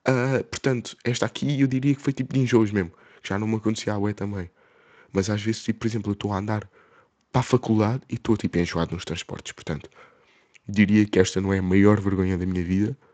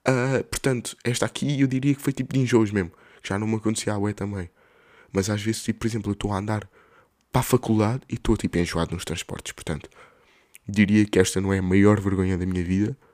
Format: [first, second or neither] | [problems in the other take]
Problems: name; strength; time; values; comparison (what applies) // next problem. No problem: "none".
second | garbled, watery; slightly; nothing above 7.5 kHz